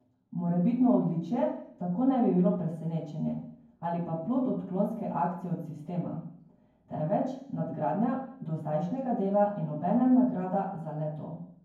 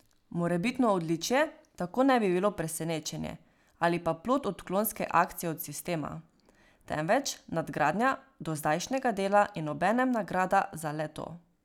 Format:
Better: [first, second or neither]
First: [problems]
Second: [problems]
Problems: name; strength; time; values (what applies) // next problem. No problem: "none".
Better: second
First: room echo; dies away in 0.9 s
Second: none